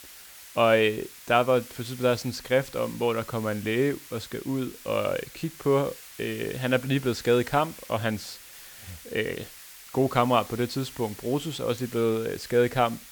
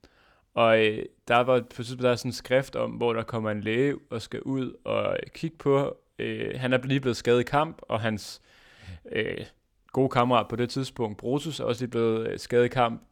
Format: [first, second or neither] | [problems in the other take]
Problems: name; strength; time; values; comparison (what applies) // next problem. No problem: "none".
second | hiss; noticeable; throughout; 15 dB below the speech